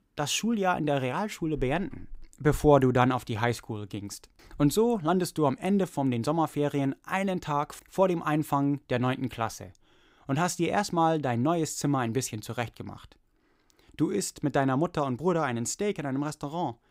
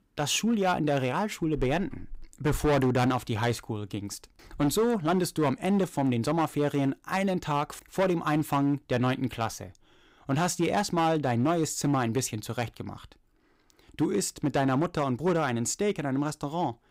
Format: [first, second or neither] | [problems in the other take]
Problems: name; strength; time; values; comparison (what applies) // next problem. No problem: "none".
first | distortion; slight; 7% of the sound clipped